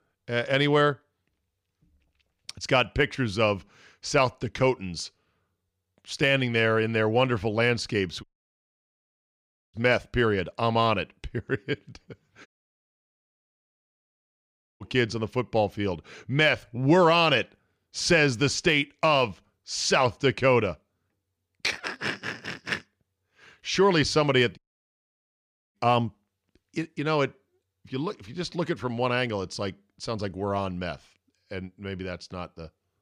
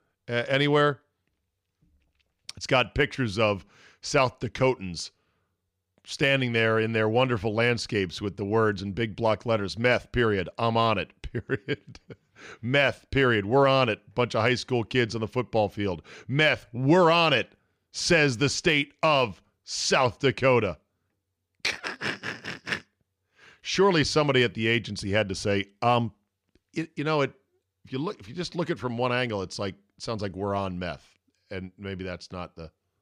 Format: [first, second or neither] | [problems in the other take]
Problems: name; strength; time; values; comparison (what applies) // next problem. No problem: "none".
second | audio cutting out; at 8 s for 1.5 s, at 12 s for 2.5 s and at 25 s for 1 s